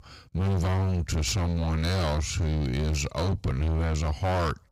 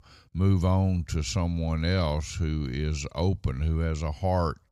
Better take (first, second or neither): second